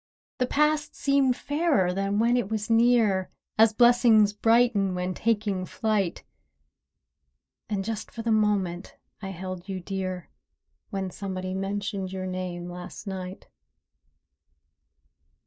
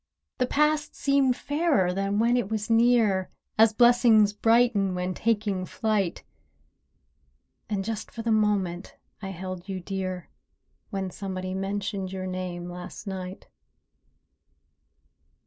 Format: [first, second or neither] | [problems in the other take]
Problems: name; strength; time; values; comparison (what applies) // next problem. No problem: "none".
second | noise reduction (neural mask model DeepFilterNet 3)